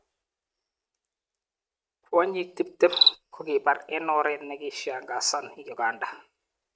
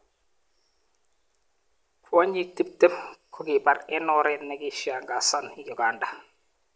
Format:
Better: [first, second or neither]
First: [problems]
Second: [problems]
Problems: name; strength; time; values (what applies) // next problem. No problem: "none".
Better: second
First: noise reduction (neural mask model RNNoise)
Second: none